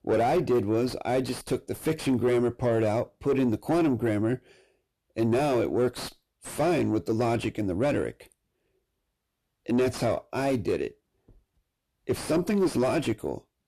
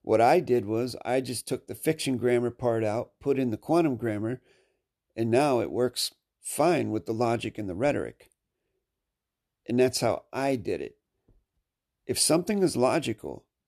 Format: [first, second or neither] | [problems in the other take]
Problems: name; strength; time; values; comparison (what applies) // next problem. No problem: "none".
second | distortion; heavy; 6 dB below the speech